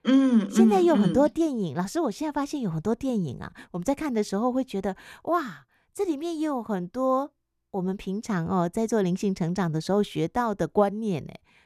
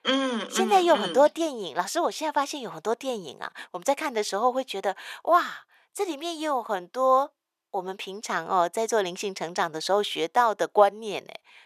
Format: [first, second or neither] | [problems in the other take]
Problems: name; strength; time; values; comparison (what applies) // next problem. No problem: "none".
first | thin; very; fading below 650 Hz